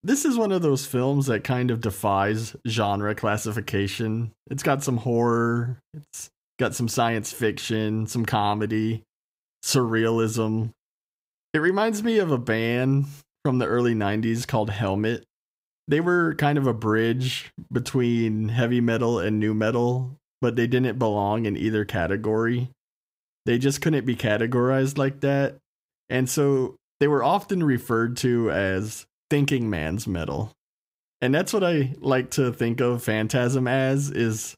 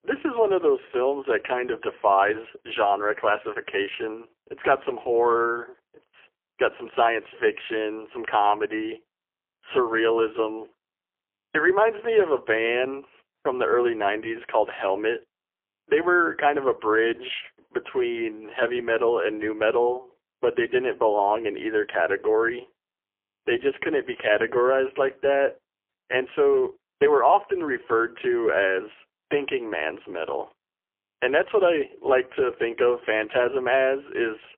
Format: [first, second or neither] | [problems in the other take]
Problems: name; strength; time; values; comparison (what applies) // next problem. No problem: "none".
first | phone-call audio; poor line; nothing above 3 kHz